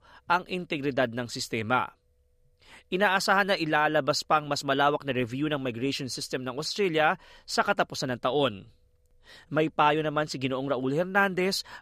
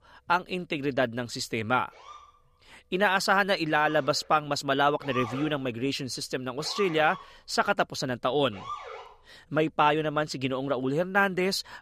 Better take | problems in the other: first | siren; noticeable; from 2 to 9 s; peak 8 dB below the speech

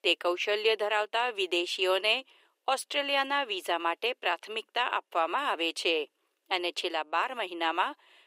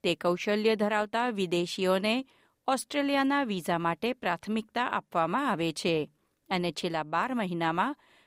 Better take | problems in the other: second | thin; very; fading below 350 Hz

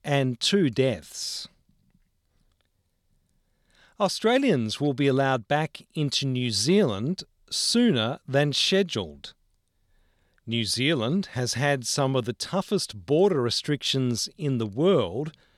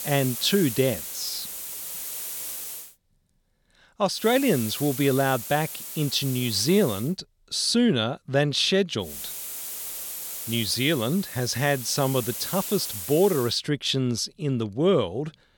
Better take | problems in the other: first | hiss; loud; until 3 s, from 4 to 7 s and from 9 to 13 s; 8 dB below the speech

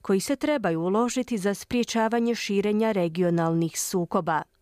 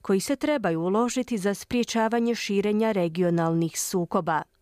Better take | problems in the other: neither | none

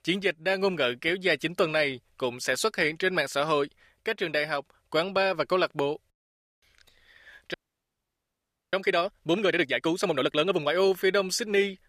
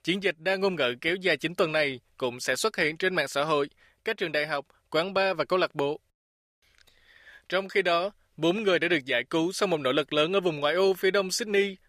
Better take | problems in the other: second | audio freezing; at 7.5 s for 1 s

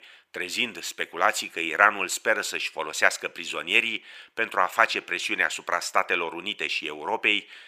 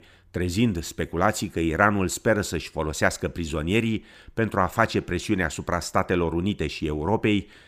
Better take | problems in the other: second | thin; very; fading below 600 Hz

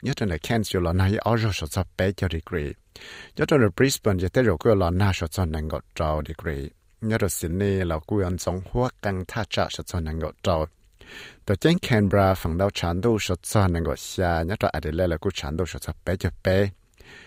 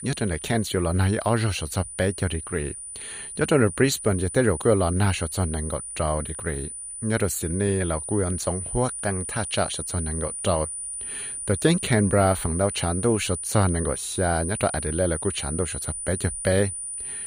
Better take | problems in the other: first | high-pitched whine; loud; throughout; 9.5 kHz, 6 dB below the speech

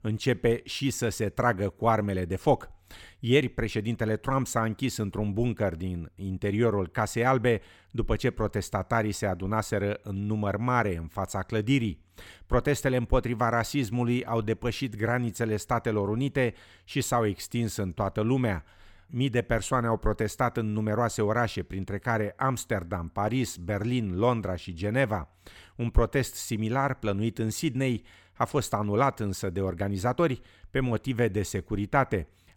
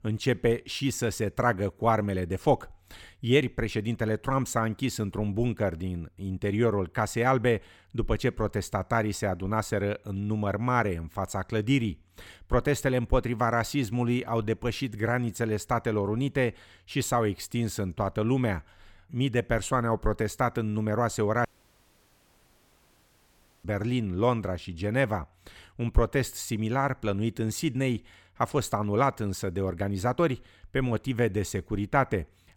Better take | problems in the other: first | audio cutting out; at 21 s for 2 s

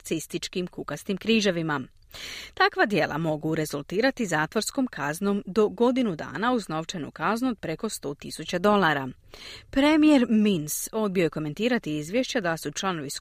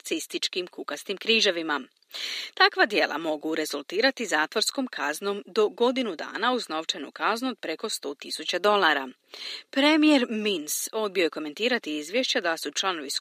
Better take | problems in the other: first | thin; very slightly; fading below 250 Hz

